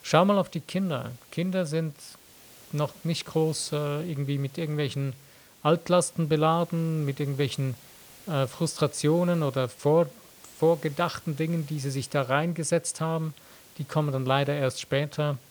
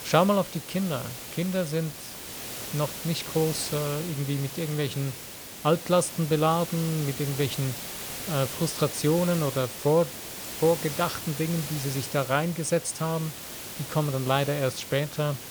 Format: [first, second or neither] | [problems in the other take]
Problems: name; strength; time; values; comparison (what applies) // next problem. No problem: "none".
first | hiss; loud; throughout; 8 dB below the speech; faint in the first